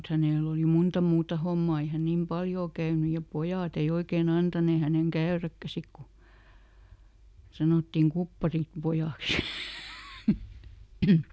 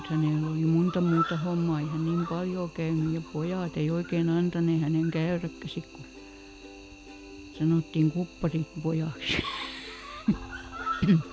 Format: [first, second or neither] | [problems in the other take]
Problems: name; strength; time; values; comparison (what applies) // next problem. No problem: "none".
first | background sound (Plucked string instrument + Cricket); 13 dB below the speech